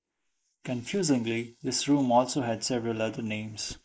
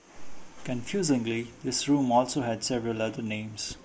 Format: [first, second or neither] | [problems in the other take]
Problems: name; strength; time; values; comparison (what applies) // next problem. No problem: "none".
second | noise reduction (neural mask model Resemble Enhance denoiser)